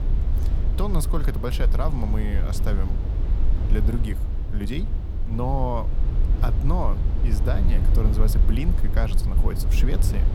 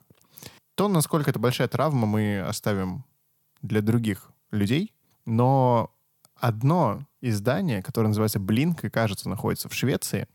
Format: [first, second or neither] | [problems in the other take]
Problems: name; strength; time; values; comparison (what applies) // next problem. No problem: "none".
second | low rumble; loud; throughout; 7 dB below the speech